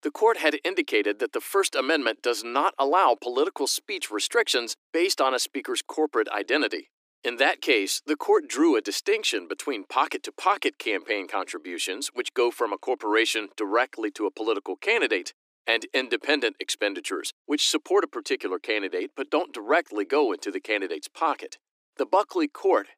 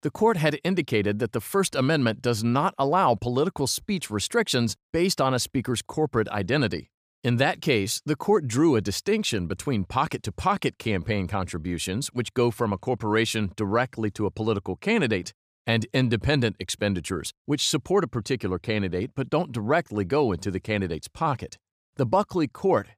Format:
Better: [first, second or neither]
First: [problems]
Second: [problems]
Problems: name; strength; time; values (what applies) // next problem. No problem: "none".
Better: second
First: thin; somewhat; fading below 300 Hz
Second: none